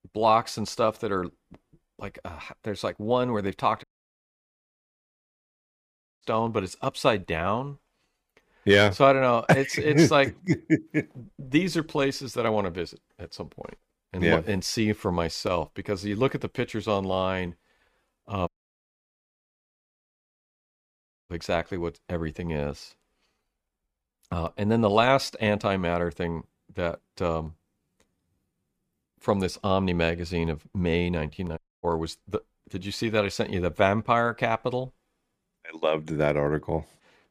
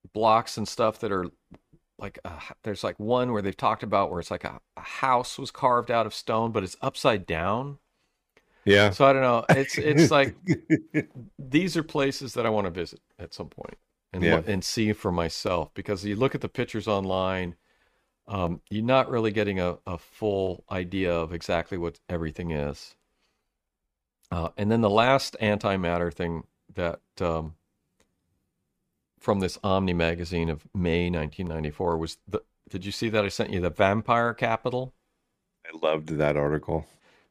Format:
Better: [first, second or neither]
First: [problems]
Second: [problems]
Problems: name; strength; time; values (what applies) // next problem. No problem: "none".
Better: second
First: audio cutting out; at 4 s for 2.5 s, at 18 s for 3 s and at 32 s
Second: none